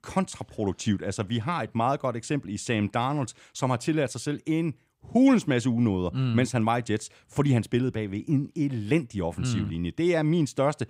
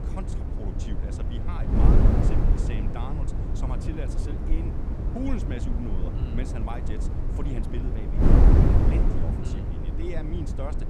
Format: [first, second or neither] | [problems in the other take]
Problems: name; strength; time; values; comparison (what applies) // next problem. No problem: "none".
first | wind noise on the microphone; heavy; 4 dB above the speech